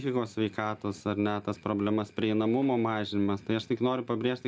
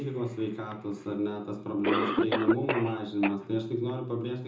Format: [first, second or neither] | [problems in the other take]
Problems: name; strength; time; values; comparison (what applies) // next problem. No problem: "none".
first | background sound (Cough); 3 dB below the speech // room echo; dies away in 0.6 s